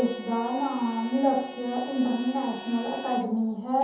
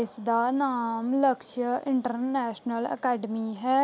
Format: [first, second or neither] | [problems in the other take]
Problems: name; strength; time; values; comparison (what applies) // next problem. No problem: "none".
second | background sound (Bowed string instrument); 16 dB below the speech // room echo; dies away in 0.8 s